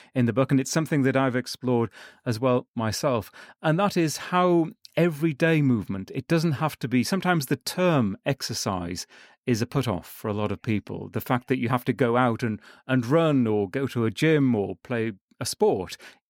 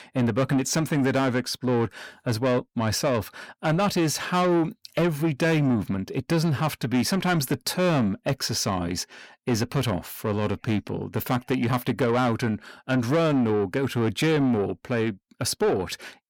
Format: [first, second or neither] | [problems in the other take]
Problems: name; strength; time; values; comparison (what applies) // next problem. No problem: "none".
first | distortion; slight; 10 dB below the speech